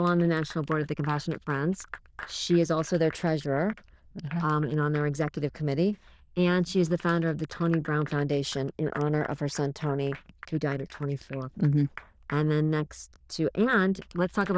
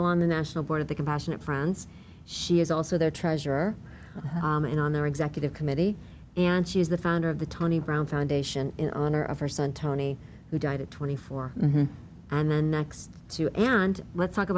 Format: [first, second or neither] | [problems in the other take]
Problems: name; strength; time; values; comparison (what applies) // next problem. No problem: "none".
second | noise reduction (neural diffusion model UNIVERSE++)